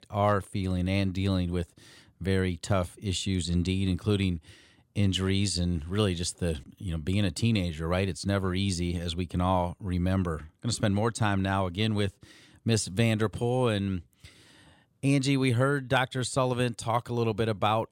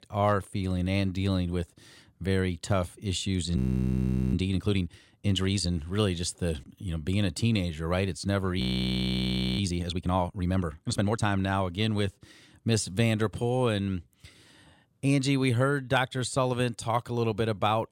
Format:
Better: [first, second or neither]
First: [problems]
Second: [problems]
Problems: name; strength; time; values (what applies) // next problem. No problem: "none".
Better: first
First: none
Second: audio freezing; at 3.5 s for 1 s and at 8.5 s for 1 s